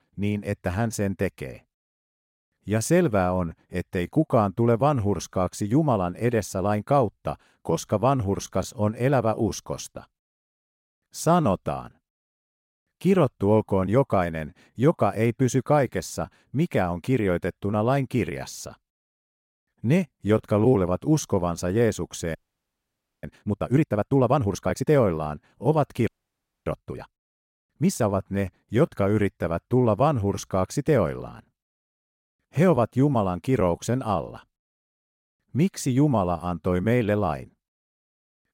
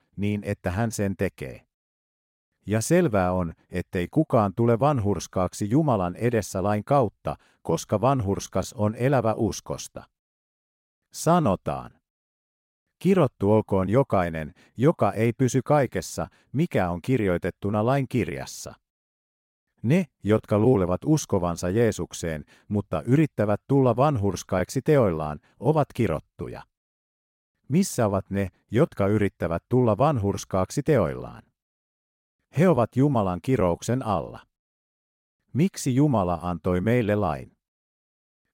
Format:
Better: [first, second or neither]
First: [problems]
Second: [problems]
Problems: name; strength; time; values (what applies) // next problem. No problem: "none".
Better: second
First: audio freezing; at 22 s for 1 s and at 26 s for 0.5 s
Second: none